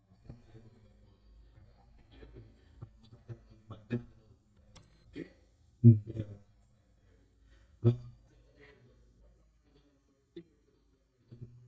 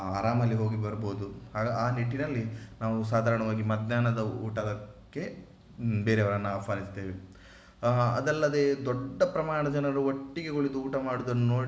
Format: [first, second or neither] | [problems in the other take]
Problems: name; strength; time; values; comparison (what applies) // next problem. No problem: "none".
second | noise reduction (neural mask model DeepFilterNet 3)